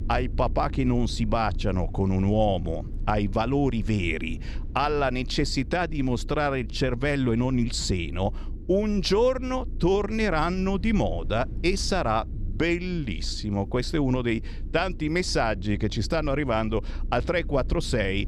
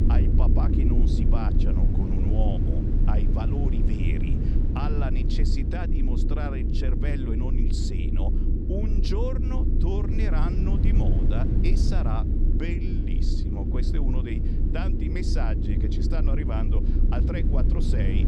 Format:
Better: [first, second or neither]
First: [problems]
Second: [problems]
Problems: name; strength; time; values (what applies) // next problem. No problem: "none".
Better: first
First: low rumble; faint; throughout; 20 dB below the speech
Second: low rumble; loud; throughout; as loud as the speech